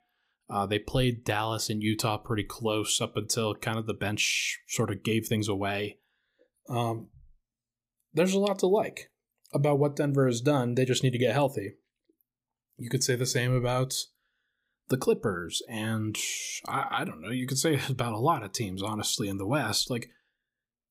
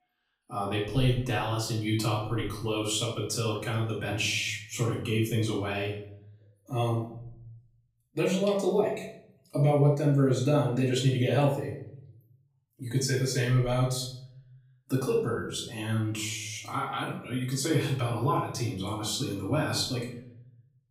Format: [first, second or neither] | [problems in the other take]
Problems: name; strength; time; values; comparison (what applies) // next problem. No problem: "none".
first | off-mic speech; far // room echo; noticeable; dies away in 0.6 s